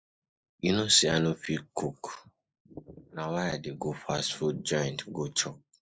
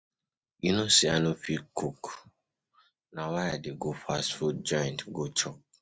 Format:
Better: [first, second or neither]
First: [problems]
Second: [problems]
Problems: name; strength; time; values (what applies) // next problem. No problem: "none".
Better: second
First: noise reduction (neural mask model Resemble Enhance denoiser)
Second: none